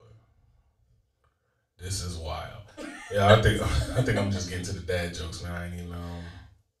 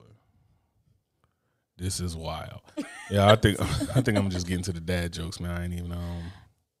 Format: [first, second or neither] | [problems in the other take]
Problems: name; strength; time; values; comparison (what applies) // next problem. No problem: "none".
second | room echo; slight; dies away in 0.3 s // off-mic speech; far